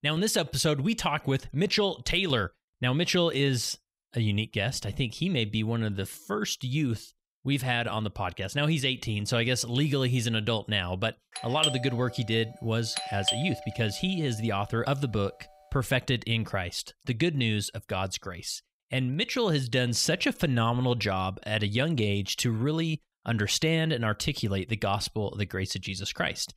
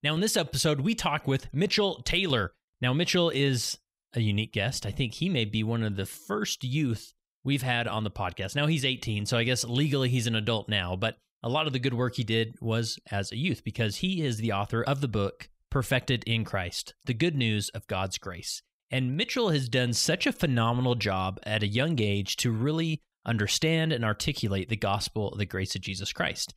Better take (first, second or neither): second